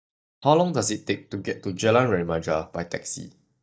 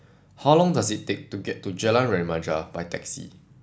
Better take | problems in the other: second | noise reduction (neural mask model DeepFilterNet 3)

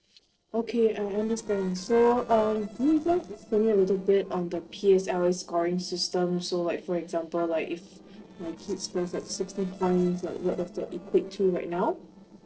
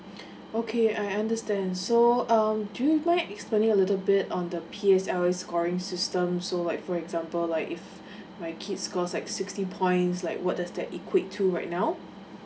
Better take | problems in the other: second | noise reduction (neural separator model SepFormer DNS4)

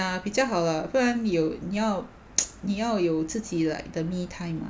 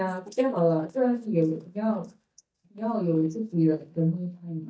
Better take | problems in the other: first | noise reduction (neural mask model DeepFilterNet 3)

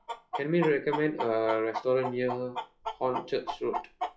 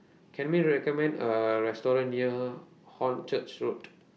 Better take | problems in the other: second | noise reduction (classical method log-MMSE)

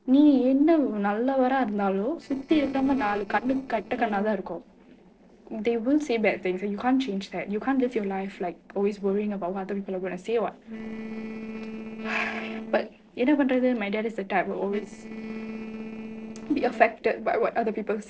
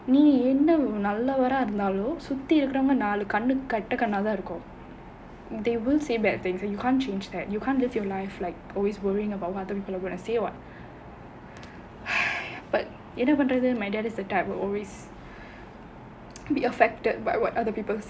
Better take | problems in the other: second | noise reduction (neural separator model SepFormer DNS4)

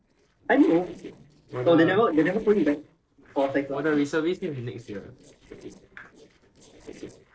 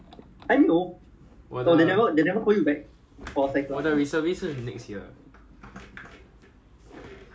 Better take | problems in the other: second | noise reduction (neural separator model SepFormer DNS4)

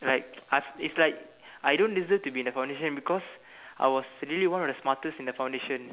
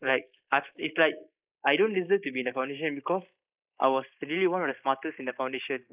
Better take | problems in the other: first | noise reduction (neural mask model Resemble Enhance denoiser)

